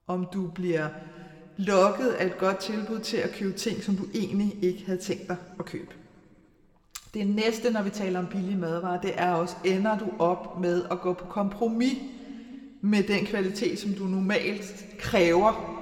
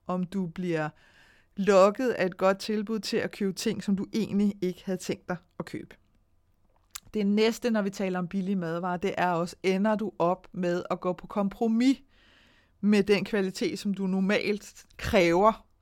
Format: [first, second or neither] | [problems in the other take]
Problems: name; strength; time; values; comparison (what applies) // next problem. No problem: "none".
second | room echo; very slight; dies away in 1.7 s